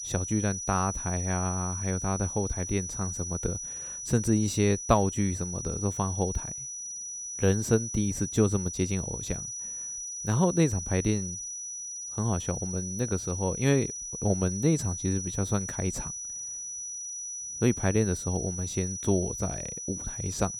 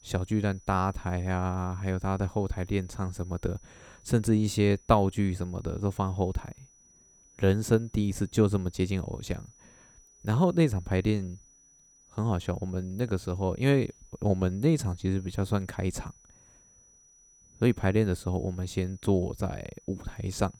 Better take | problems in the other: second | high-pitched whine; loud; throughout; 6 kHz, 5 dB below the speech; faint in the second

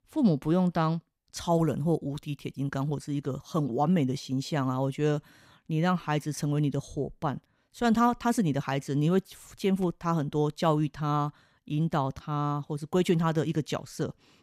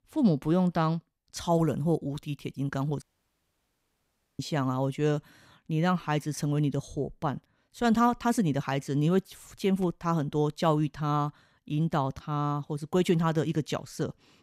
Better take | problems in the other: first | audio cutting out; at 3 s for 1.5 s

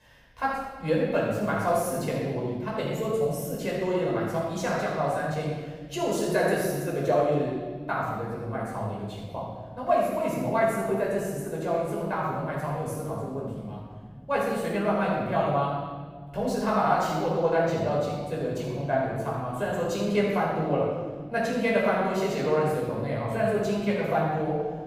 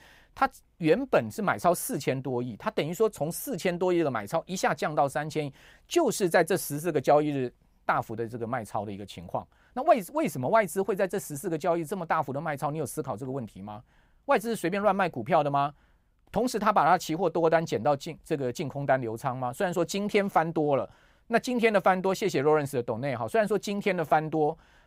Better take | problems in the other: second | room echo; strong; dies away in 1.8 s // off-mic speech; far

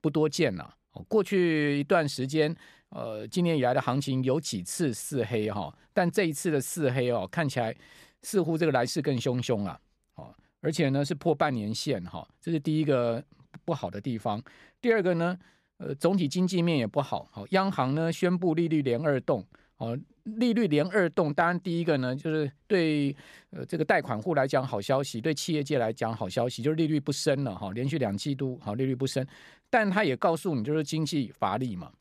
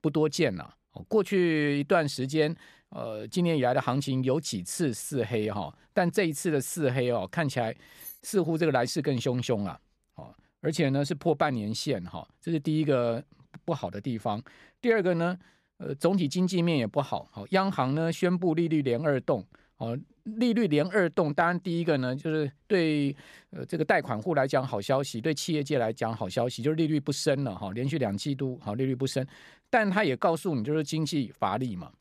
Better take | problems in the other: first | jangling keys; faint; at 8 s; peak 15 dB below the speech

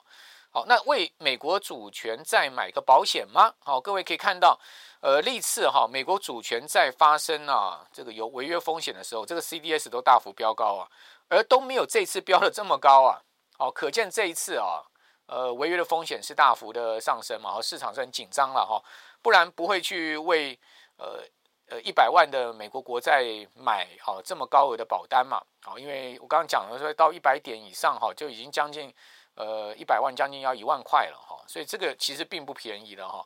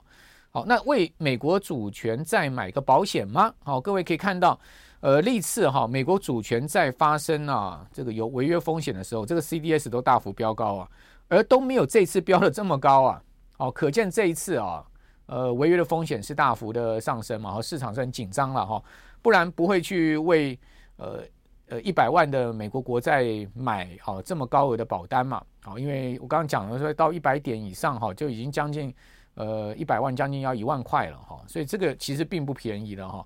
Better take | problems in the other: second | thin; very; fading below 700 Hz

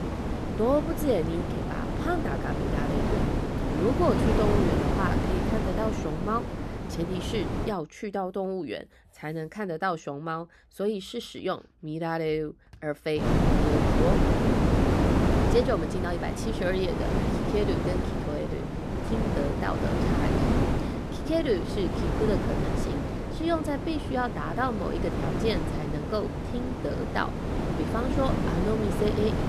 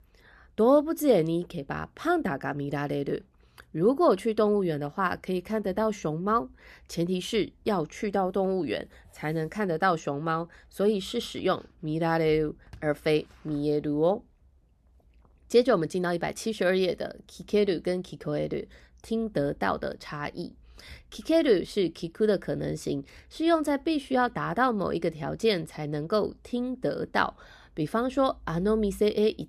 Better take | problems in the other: second | wind noise on the microphone; heavy; until 7.5 s and from 13 s on; 1 dB below the speech

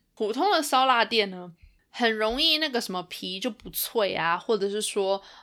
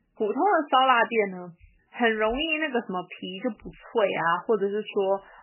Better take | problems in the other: first | garbled, watery; badly; nothing above 3 kHz

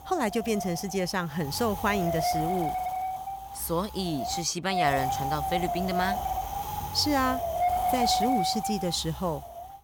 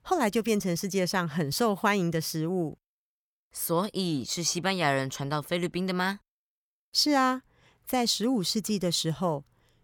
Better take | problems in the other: second | wind noise on the microphone; heavy; 1 dB above the speech

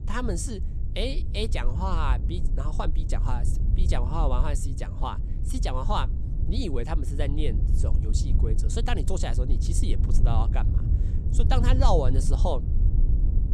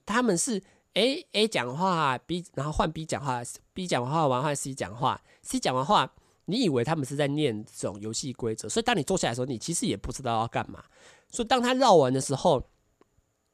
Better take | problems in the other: second | low rumble; noticeable; throughout; 10 dB below the speech

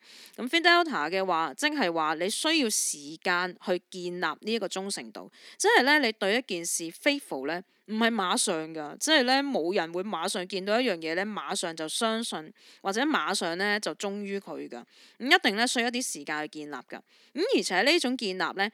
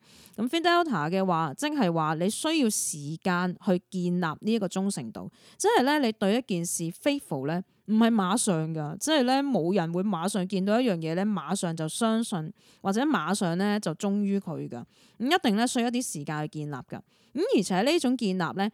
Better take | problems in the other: second | thin; somewhat; fading below 250 Hz

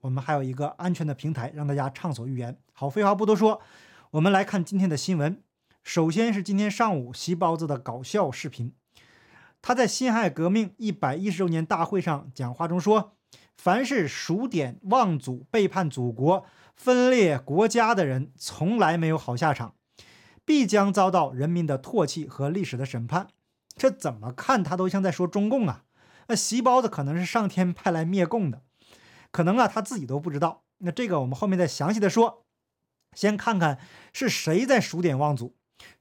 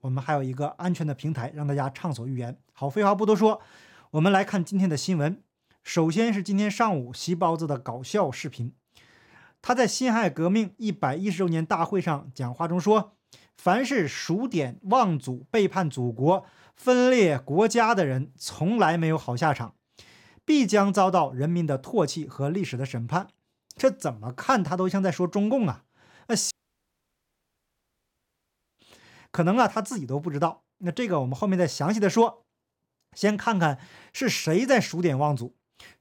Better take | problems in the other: first | audio cutting out; at 27 s for 2.5 s

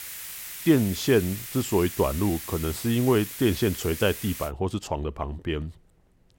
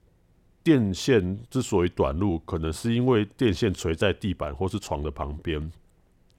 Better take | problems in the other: second | hiss; loud; until 4.5 s; 10 dB below the speech

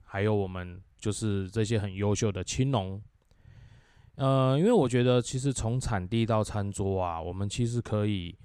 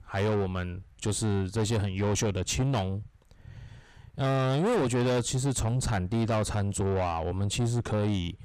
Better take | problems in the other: first | distortion; heavy; 7 dB below the speech

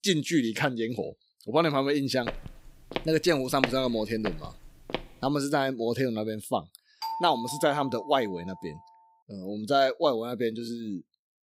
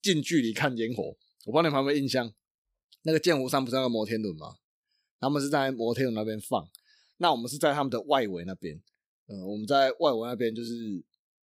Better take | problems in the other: second | footsteps; noticeable; from 2.5 to 5 s; peak 3 dB below the speech // doorbell; noticeable; from 7 to 8.5 s; peak 6 dB below the speech

